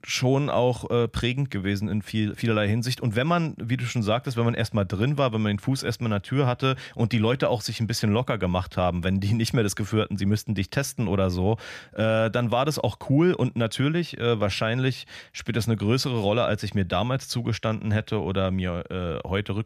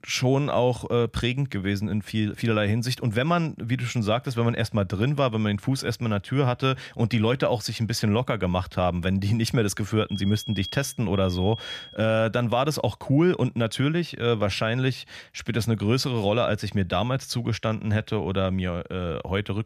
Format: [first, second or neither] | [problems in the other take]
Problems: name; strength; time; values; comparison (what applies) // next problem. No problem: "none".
first | alarm; faint; from 10 to 12 s; peak 10 dB below the speech